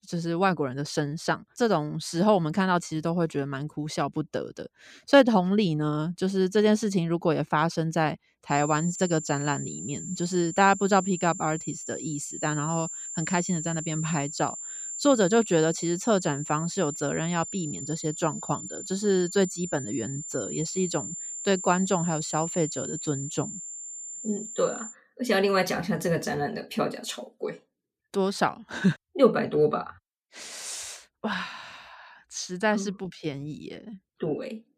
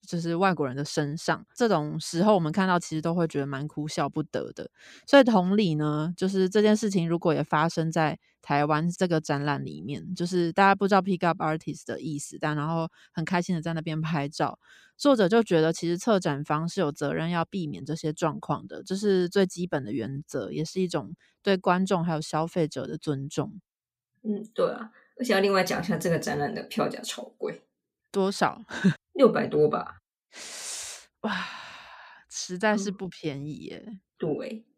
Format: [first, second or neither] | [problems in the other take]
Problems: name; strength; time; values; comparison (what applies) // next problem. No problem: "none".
second | high-pitched whine; loud; from 8.5 to 25 s; 7.5 kHz, 8 dB below the speech